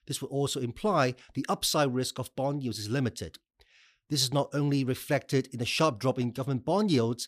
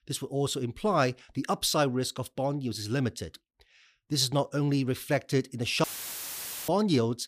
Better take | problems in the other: first | audio cutting out; filled with static; at 6 s for 1 s

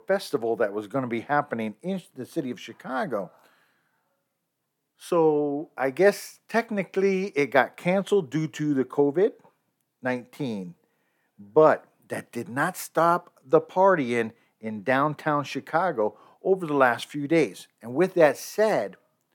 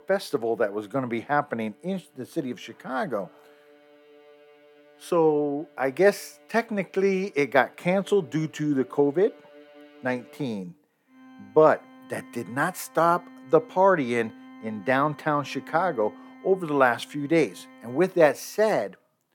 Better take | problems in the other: first | background music; faint; throughout; 25 dB below the speech

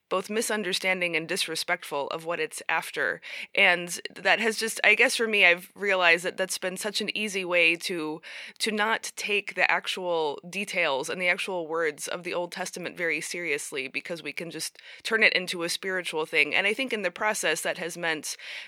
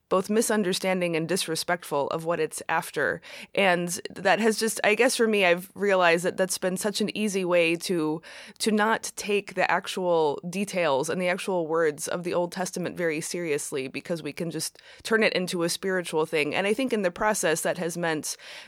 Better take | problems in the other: second | thin; very slightly; fading below 600 Hz

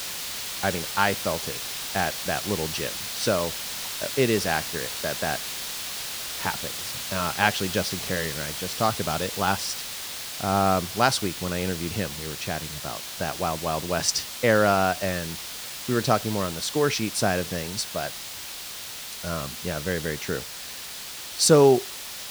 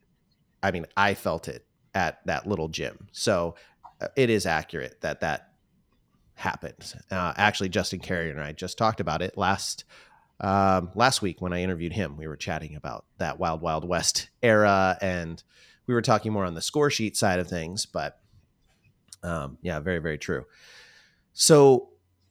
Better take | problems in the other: second | hiss; loud; throughout; 6 dB below the speech

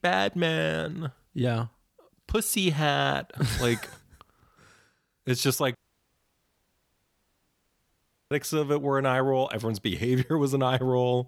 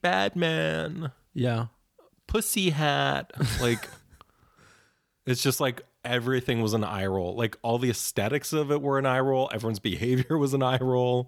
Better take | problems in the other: second | audio cutting out; at 6 s for 2.5 s

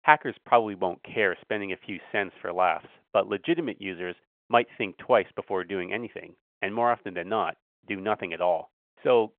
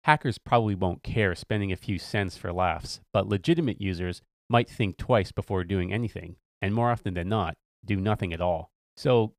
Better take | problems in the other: second | phone-call audio; nothing above 3.5 kHz

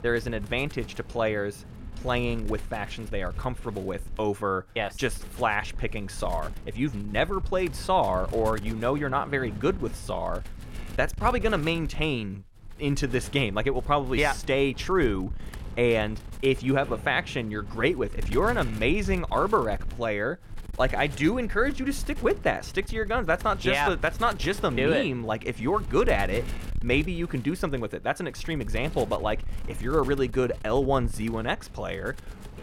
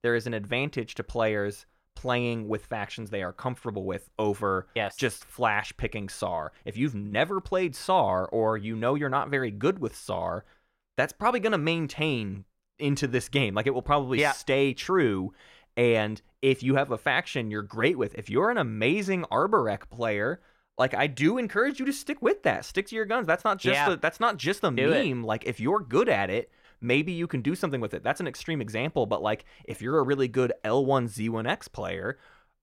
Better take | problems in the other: second | wind noise on the microphone; occasional gusts; 20 dB below the speech

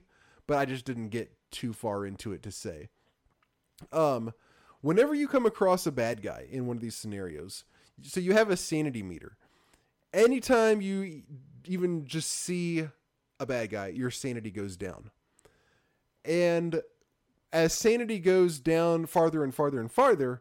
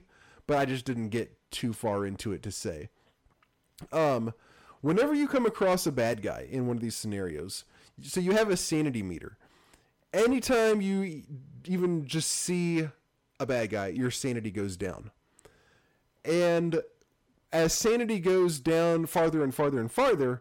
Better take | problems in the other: first | distortion; slight; 10 dB below the speech

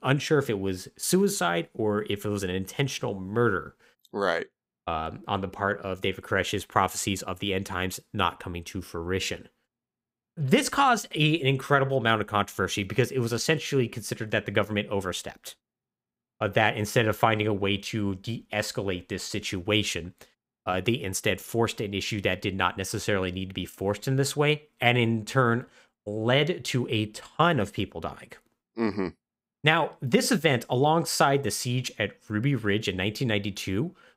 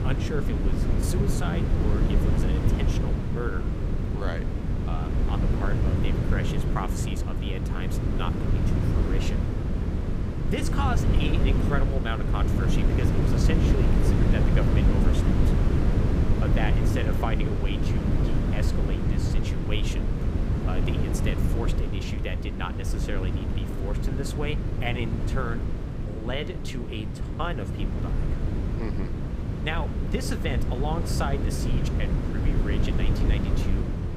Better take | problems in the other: first | wind noise on the microphone; heavy; as loud as the speech

